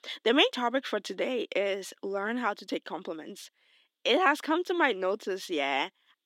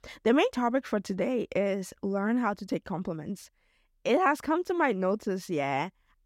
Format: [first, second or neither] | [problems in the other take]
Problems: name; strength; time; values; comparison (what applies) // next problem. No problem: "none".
second | thin; very slightly; fading below 300 Hz